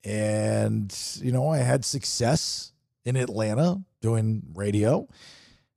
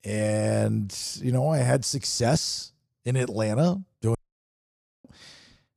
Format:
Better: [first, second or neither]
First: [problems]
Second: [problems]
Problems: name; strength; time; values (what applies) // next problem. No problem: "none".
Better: first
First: none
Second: audio cutting out; at 4 s for 1 s